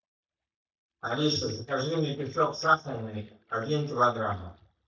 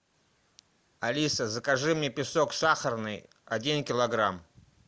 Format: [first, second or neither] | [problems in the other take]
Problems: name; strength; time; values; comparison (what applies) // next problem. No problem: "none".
second | noise reduction (neural mask model DeepFilterNet 3)